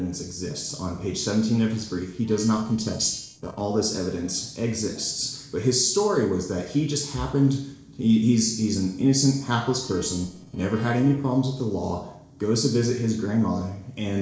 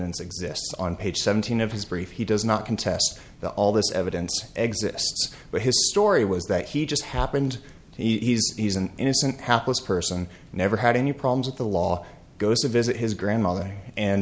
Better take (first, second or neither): second